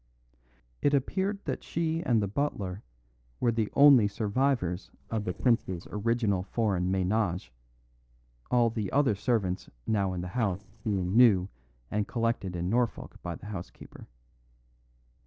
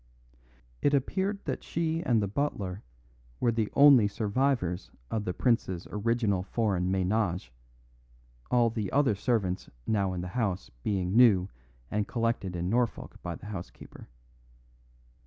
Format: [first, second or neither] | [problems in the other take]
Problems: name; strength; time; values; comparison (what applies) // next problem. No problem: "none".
second | noise reduction (neural separator model SepFormer DNS4)